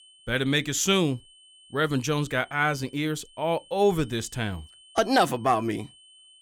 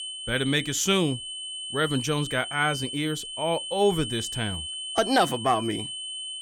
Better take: first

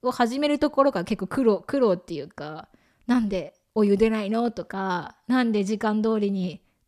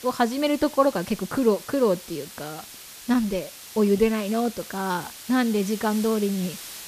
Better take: first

